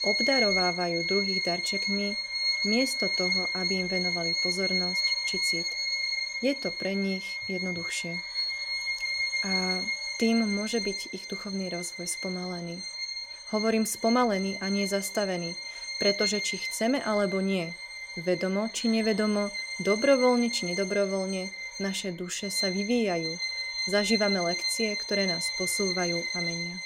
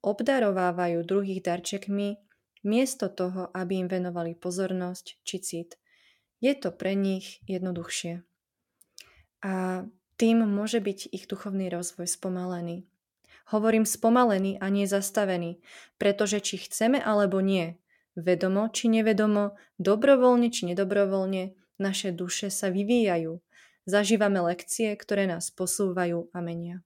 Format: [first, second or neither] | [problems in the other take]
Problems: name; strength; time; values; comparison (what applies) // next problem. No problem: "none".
second | background music; very loud; throughout; 1 dB above the speech